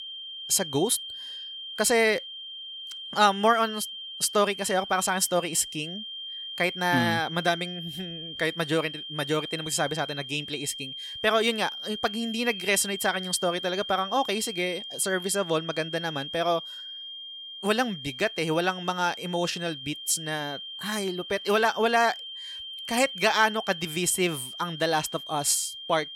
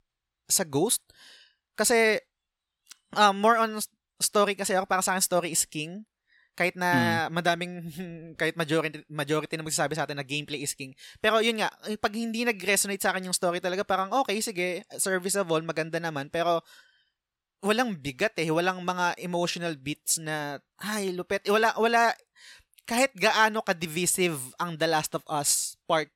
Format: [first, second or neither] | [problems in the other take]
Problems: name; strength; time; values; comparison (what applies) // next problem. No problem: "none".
second | high-pitched whine; loud; throughout; 3 kHz, 9 dB below the speech